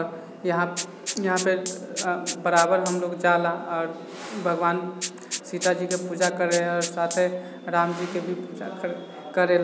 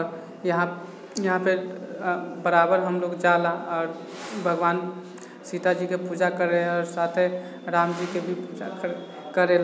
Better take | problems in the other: second | background sound (Rattle (instrument)); 11 dB below the speech

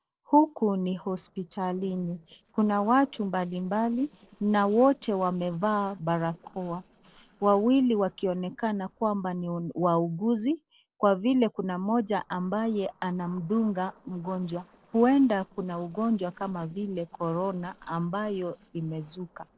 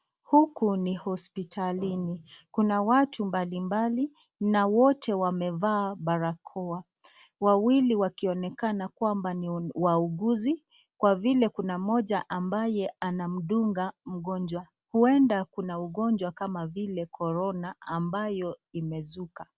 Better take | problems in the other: second | noise reduction (neural separator model SepFormer DNS4)

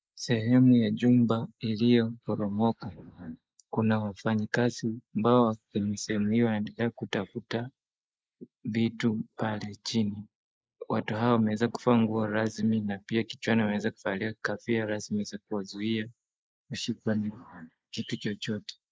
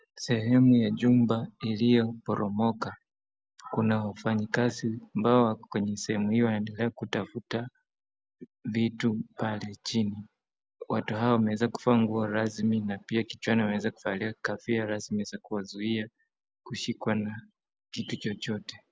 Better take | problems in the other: second | noise reduction (neural mask model Resemble Enhance denoiser)

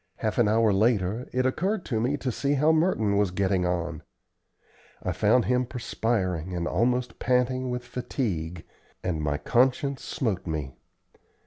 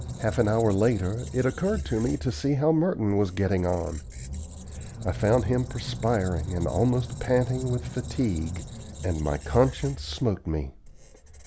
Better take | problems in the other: first | background sound (Squeak); 10 dB below the speech

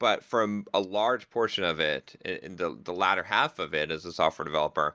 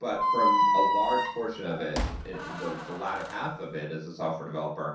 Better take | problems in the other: first | background sound (Squeak); 5 dB above the speech // room echo; dies away in 0.6 s

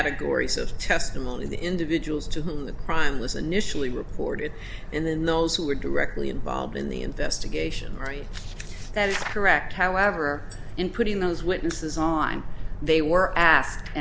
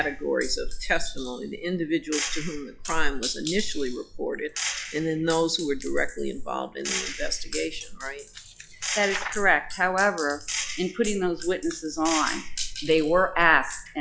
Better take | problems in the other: first | noise reduction (classical method log-MMSE)

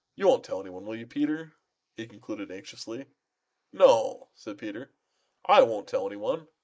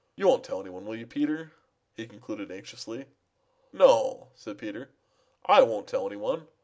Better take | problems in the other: second | noise reduction (neural mask model Resemble Enhance denoiser)

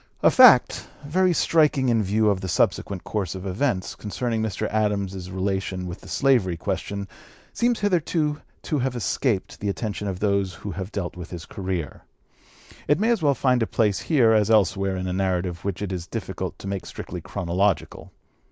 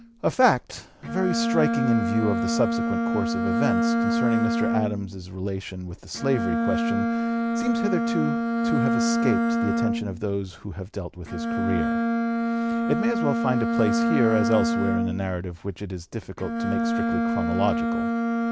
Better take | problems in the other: first | background sound (Bowed string instrument); 3 dB above the speech

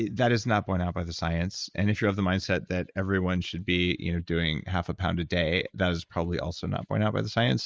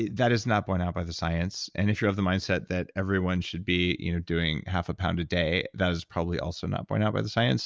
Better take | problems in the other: second | noise reduction (neural mask model Resemble Enhance denoiser)

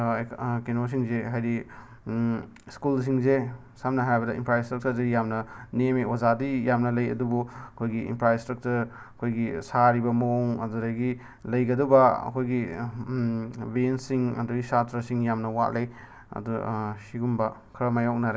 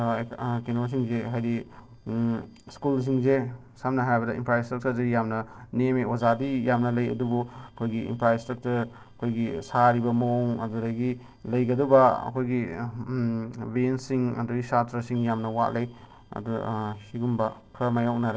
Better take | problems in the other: first | noise reduction (neural separator model SepFormer DNS4)

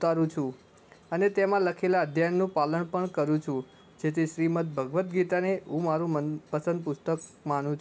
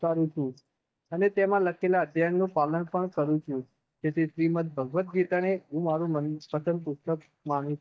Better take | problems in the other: first | noise reduction (neural mask model DeepFilterNet 3)

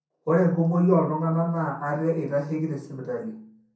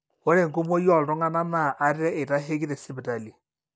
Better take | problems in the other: second | room echo; dies away in 0.6 s

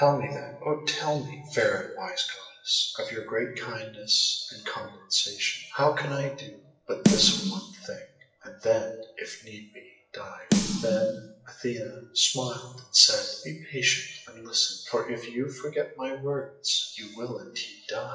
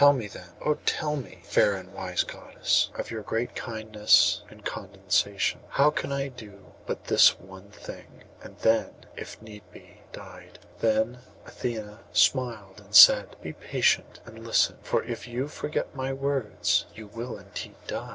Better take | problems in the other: second | noise reduction (classical method WPE with log-MMSE)

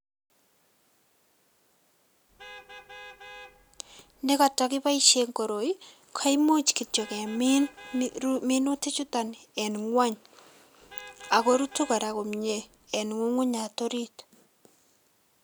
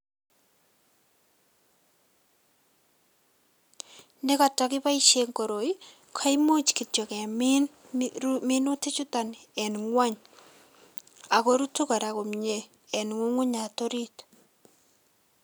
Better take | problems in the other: second | background sound (Vehicle horn, car horn, honking); 20 dB below the speech

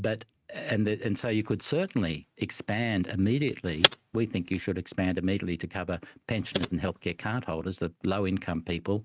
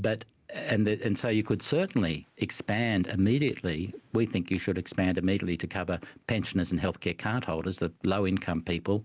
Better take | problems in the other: second | noise reduction (neural mask model RNNoise)

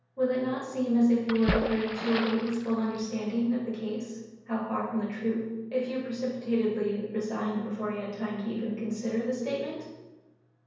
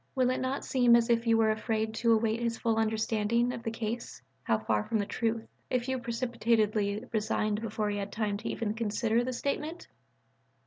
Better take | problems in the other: second | background sound (Splash, splatter); 4 dB below the speech // room echo; dies away in 1.1 s

